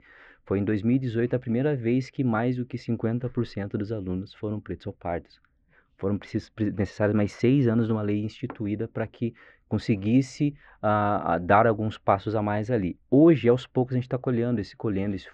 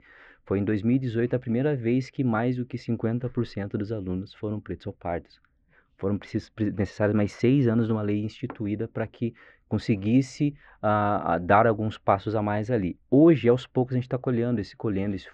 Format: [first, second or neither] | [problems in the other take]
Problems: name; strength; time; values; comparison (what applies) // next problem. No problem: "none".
neither | muffled; very; fading above 2 kHz; the same in both